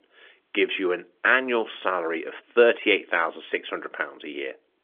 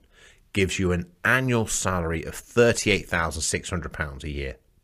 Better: second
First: phone-call audio; nothing above 3.5 kHz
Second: none

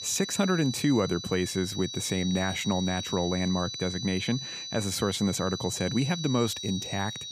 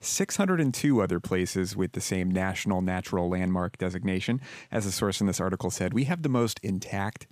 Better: second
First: high-pitched whine; loud; throughout; 4 kHz, 6 dB below the speech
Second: none

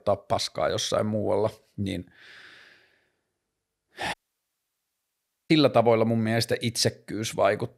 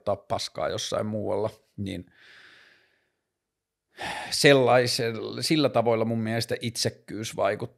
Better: second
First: audio cutting out; at 4 s for 1.5 s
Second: none

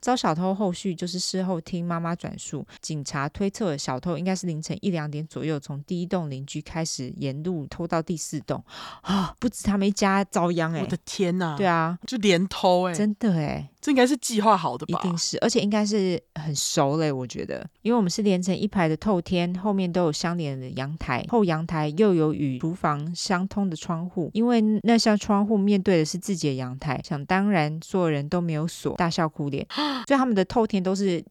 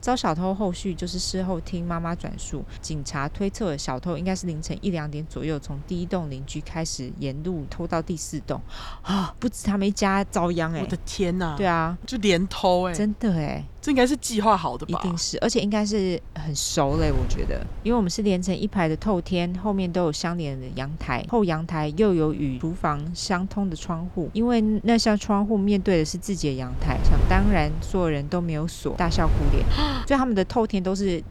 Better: first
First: none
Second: wind noise on the microphone; occasional gusts; 20 dB below the speech

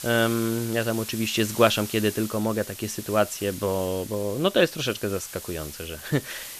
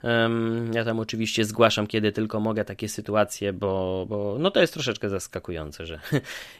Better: second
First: hiss; noticeable; throughout; 10 dB below the speech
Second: none

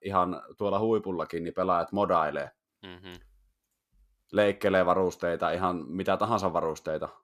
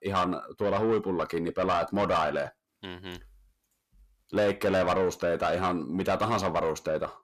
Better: first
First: none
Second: distortion; heavy; 8 dB below the speech

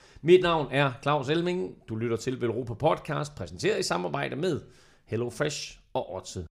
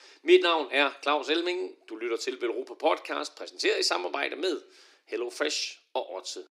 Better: first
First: none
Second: thin; somewhat; fading below 300 Hz

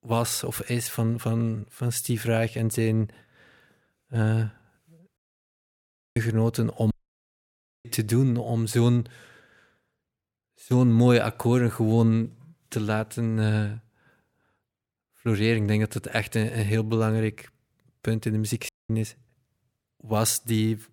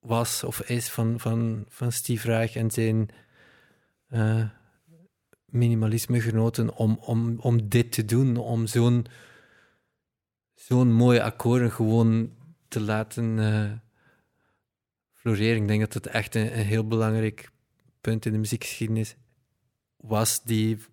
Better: second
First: audio cutting out; at 5 s for 1 s, at 7 s for 1 s and at 19 s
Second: none

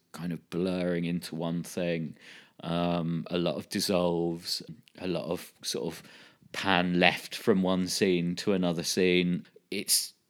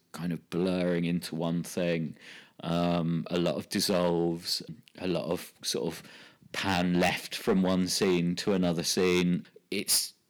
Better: first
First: none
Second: distortion; slight; 3% of the sound clipped

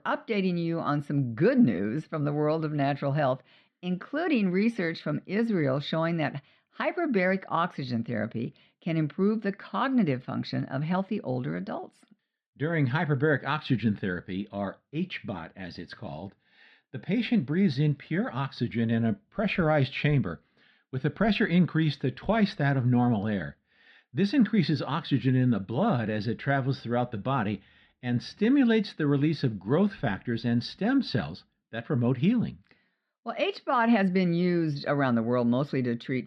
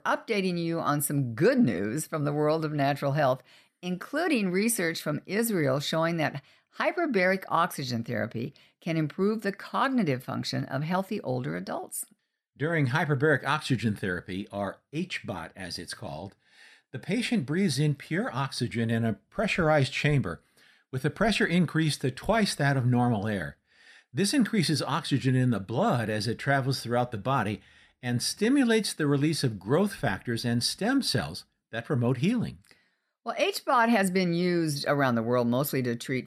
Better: second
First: muffled; very slightly; fading above 3.5 kHz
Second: none

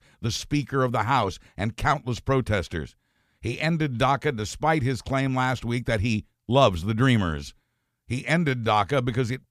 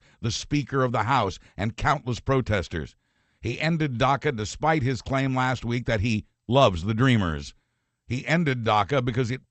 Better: first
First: none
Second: garbled, watery; slightly; nothing above 8 kHz

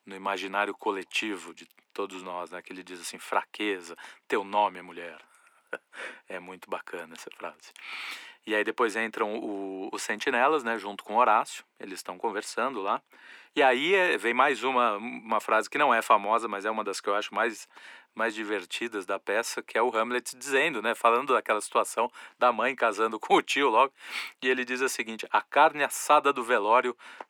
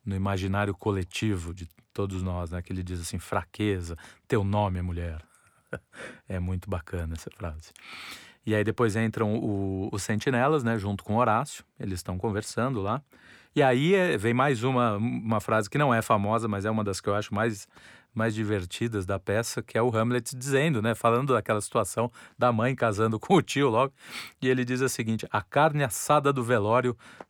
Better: second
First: thin; somewhat; fading below 300 Hz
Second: none

